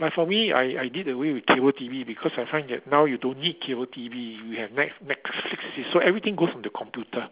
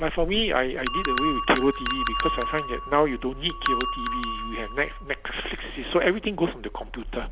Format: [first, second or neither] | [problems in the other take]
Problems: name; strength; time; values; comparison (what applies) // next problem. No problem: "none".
first | background sound (Bell); 4 dB below the speech